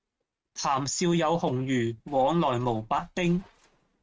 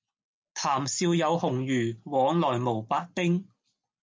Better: second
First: noise reduction (neural mask model RNNoise)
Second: none

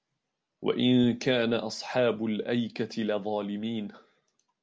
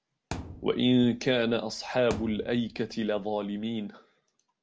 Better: first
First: none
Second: background sound (Thump, thud); 15 dB below the speech

